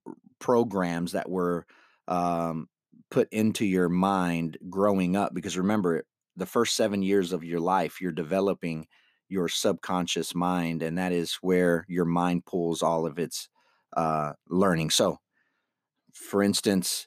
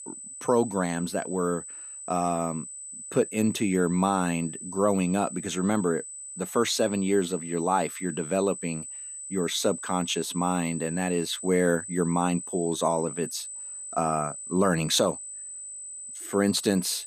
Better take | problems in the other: first | high-pitched whine; loud; throughout; 8 kHz, 9 dB below the speech

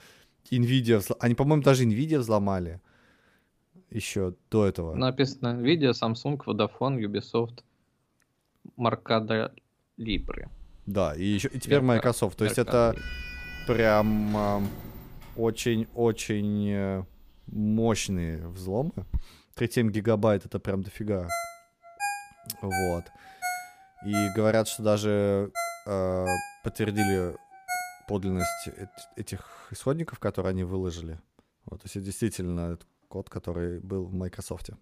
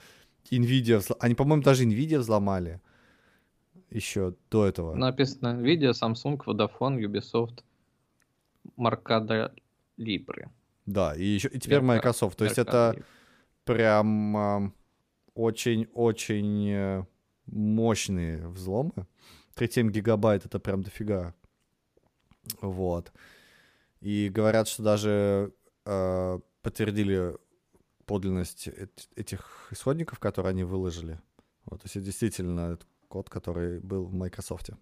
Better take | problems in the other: second | door banging; noticeable; from 10 to 19 s; peak 10 dB below the speech // phone ringing; noticeable; from 21 to 29 s; peak 5 dB below the speech

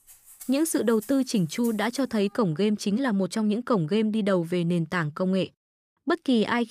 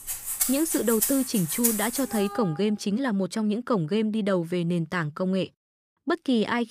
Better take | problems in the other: first | background music; loud; until 2.5 s; 1 dB below the speech; faint in the first

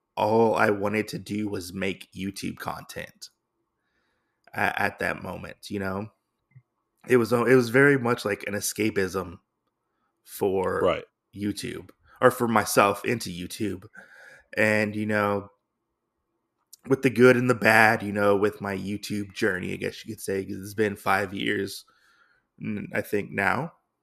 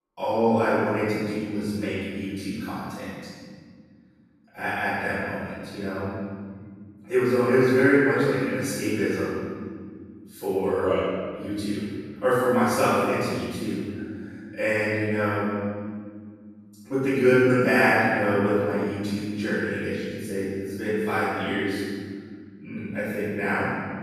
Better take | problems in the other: first | off-mic speech; far // room echo; strong; dies away in 2 s

